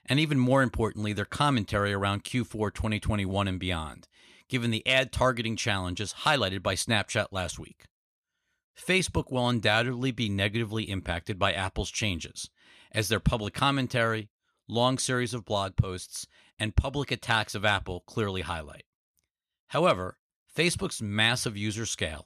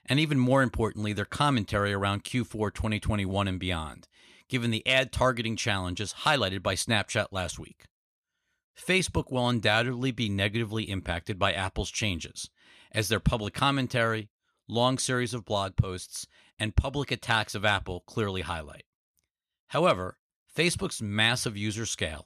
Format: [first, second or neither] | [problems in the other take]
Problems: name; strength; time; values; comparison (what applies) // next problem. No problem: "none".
neither | none